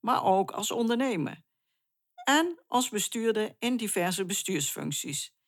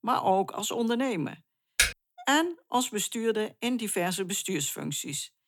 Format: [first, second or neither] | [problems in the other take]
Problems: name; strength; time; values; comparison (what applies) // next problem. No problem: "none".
first | keyboard typing; loud; at 2 s; peak 3 dB above the speech